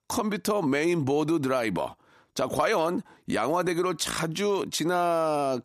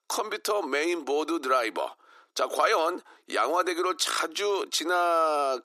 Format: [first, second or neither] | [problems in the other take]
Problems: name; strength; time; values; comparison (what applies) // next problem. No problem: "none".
first | thin; very; fading below 350 Hz